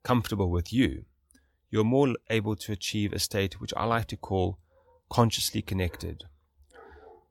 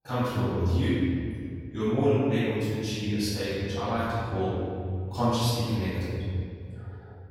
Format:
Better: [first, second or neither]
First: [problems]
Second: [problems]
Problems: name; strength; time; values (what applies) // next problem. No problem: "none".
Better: first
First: none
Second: off-mic speech; far // room echo; strong; dies away in 2.4 s